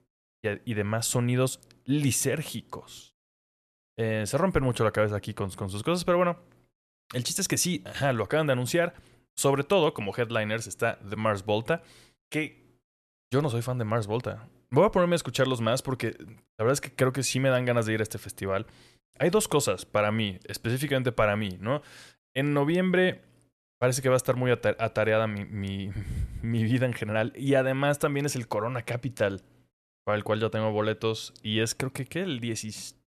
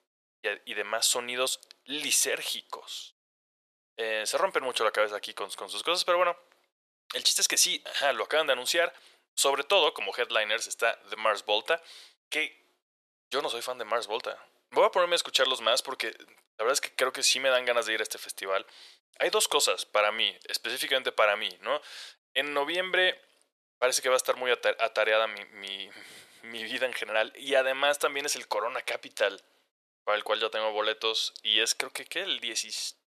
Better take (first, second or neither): first